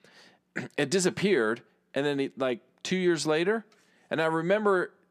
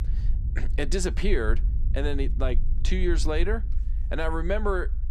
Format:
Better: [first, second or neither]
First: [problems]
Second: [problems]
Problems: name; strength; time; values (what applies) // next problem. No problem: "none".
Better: first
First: none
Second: low rumble; noticeable; throughout; 20 dB below the speech